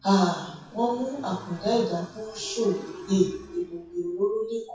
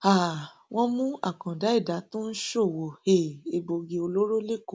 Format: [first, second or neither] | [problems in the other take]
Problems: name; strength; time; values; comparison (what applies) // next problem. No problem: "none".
second | noise reduction (classical method WPE with log-MMSE)